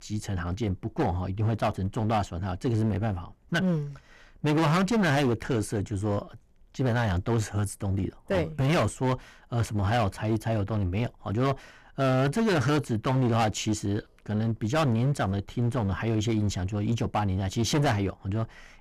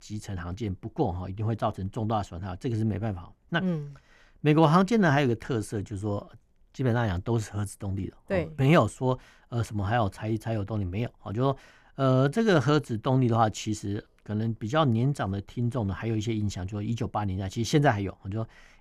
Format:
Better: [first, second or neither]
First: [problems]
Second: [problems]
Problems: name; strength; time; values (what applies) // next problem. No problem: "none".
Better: second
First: distortion; heavy; 14% of the sound clipped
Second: none